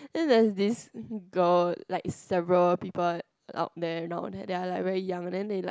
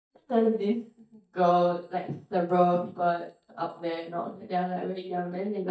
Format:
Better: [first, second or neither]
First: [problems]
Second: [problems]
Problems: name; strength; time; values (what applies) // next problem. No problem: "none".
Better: first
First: none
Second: noise reduction (neural mask model DeepFilterNet 3)